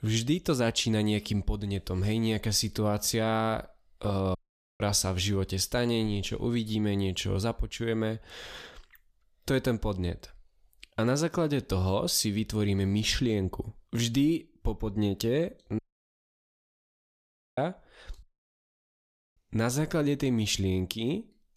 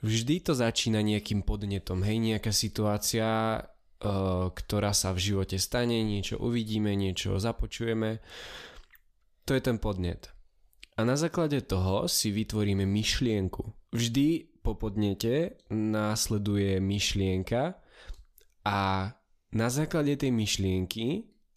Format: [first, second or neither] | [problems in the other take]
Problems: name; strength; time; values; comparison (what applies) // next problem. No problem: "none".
second | audio cutting out; at 4.5 s, at 16 s for 2 s and at 18 s for 1 s